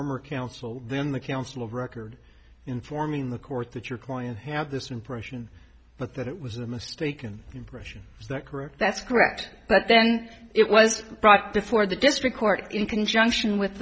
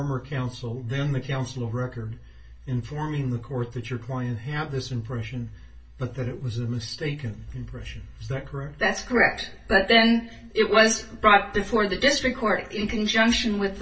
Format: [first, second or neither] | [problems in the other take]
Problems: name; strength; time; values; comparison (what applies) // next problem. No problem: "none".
first | room echo; dies away in 0.2 s